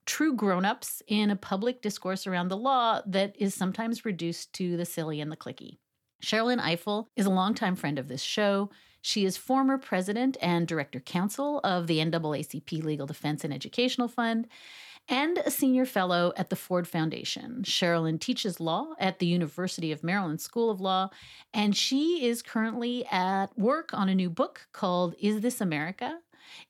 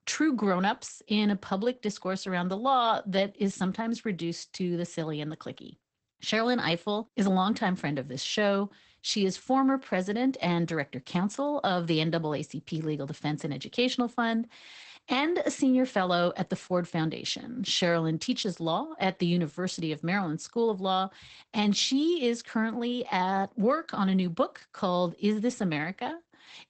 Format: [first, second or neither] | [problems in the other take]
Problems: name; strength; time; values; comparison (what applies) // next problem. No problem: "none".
first | garbled, watery; badly; nothing above 8 kHz